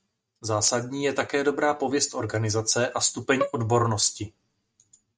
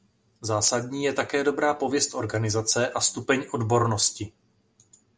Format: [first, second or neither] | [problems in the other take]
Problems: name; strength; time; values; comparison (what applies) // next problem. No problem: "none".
second | noise reduction (neural mask model RNNoise)